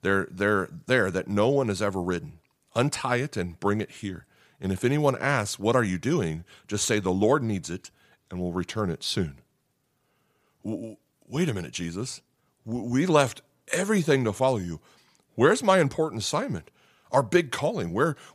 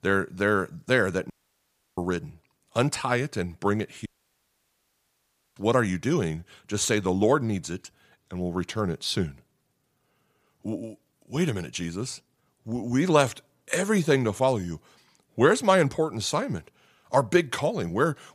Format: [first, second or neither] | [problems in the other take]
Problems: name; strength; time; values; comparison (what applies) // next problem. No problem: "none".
first | audio cutting out; at 1.5 s for 0.5 s and at 4 s for 1.5 s